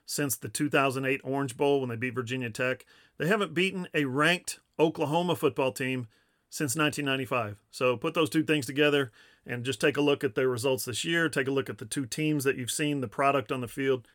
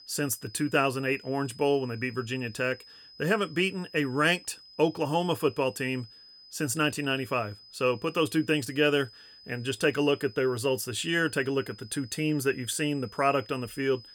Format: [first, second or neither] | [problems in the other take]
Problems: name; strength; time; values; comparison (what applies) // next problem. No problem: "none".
first | high-pitched whine; faint; throughout; 5 kHz, 20 dB below the speech